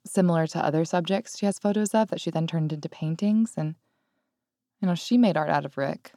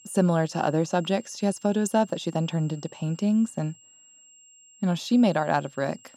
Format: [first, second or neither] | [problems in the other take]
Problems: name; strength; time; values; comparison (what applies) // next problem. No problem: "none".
first | high-pitched whine; faint; throughout; 7.5 kHz, 25 dB below the speech